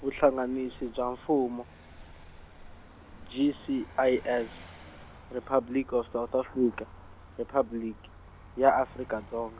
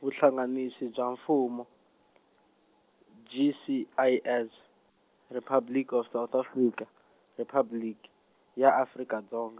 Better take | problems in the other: second | background sound (Vehicle); 18 dB below the speech

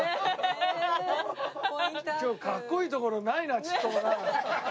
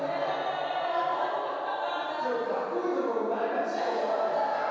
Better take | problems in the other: first | room echo; dies away in 2.2 s

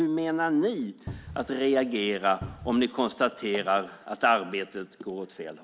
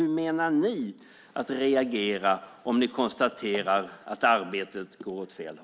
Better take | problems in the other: second | background sound (Cupboard open or close); 11 dB below the speech

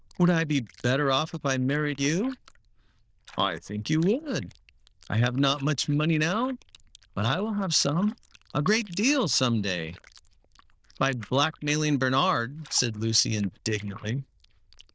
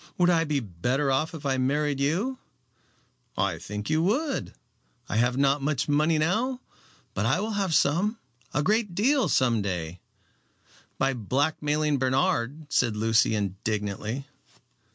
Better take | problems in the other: second | noise reduction (neural diffusion model UNIVERSE++)

